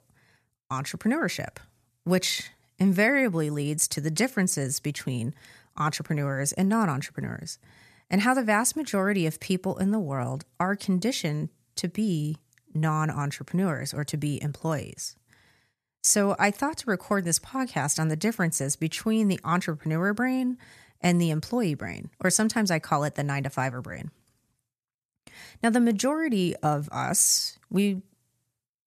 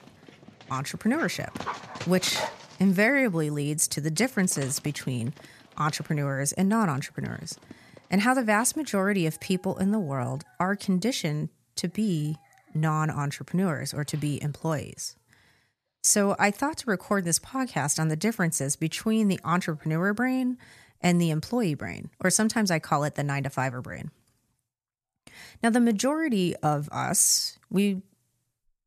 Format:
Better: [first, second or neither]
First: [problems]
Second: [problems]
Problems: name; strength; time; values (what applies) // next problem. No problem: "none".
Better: first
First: none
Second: animal sounds; noticeable; throughout; 15 dB below the speech